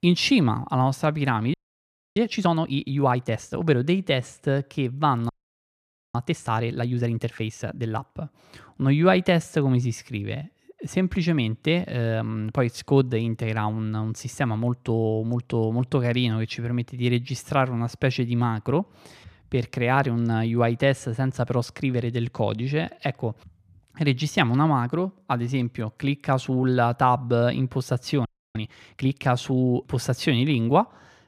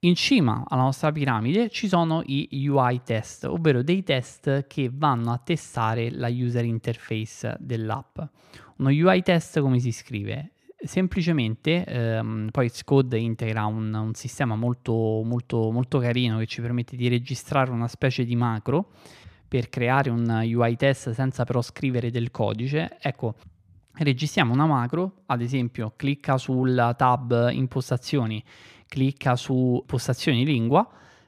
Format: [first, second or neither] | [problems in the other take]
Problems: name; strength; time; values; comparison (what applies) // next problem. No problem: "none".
second | audio freezing; at 1.5 s for 0.5 s, at 5.5 s for 1 s and at 28 s